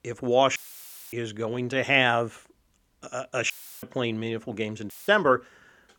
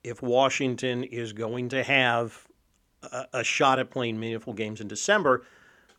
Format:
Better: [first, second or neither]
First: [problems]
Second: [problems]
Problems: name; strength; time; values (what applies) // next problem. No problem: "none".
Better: second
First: audio cutting out; filled with static; at 0.5 s for 0.5 s, at 3.5 s and at 5 s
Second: none